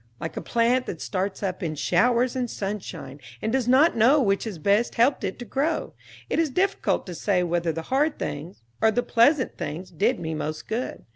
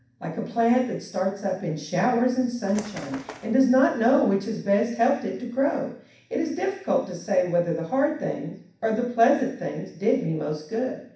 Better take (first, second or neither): first